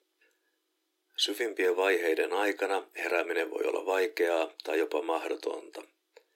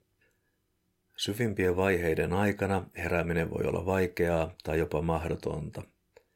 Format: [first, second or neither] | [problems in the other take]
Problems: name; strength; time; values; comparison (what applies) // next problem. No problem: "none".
second | thin; very; fading below 300 Hz